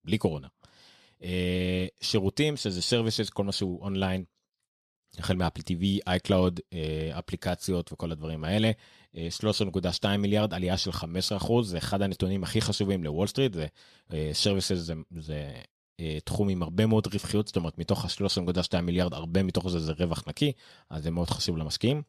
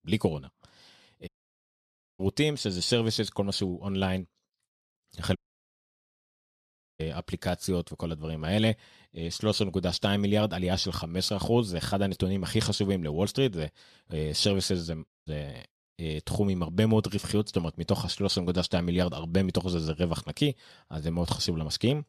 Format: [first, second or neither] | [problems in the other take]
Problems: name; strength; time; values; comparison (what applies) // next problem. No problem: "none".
first | audio cutting out; at 1.5 s for 1 s, at 5.5 s for 1.5 s and at 15 s